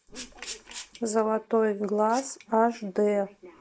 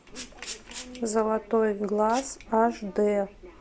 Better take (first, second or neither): second